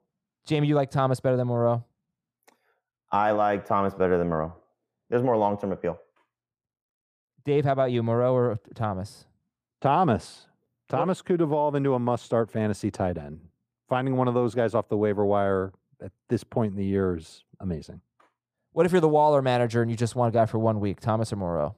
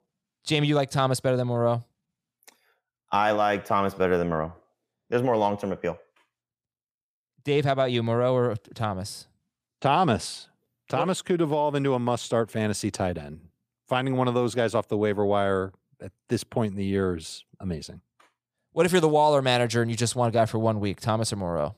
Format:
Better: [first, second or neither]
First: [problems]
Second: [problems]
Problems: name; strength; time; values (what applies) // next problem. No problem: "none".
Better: second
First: muffled; slightly; fading above 2 kHz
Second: none